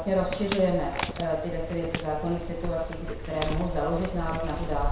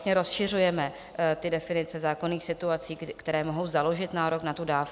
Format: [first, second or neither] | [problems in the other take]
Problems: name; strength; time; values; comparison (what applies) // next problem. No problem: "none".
second | background sound (Walk, footsteps); 4 dB below the speech // room echo; dies away in 0.7 s